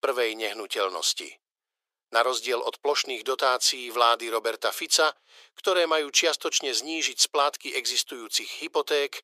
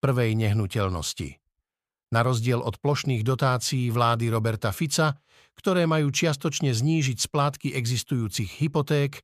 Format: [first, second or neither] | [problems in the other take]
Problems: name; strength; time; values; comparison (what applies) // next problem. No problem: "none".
second | thin; very; fading below 400 Hz